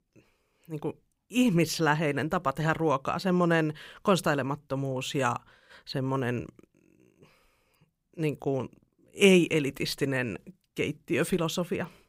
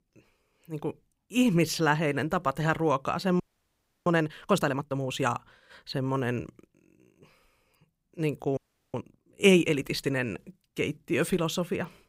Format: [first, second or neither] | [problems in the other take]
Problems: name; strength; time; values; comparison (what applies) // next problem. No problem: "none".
first | audio freezing; at 3.5 s for 0.5 s and at 8.5 s